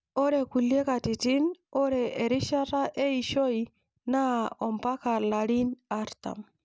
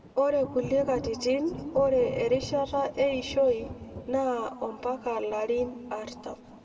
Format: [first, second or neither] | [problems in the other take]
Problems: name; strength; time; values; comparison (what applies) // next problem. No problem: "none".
first | background sound (Thunder / Rain); 15 dB below the speech // room echo; dies away in 1.7 s